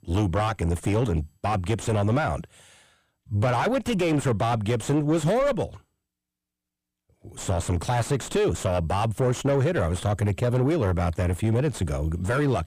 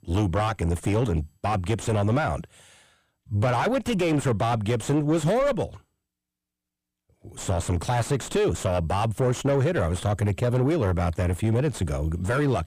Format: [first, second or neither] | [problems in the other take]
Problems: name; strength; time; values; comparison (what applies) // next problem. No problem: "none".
neither | distortion; heavy; 7 dB below the speech; the same in both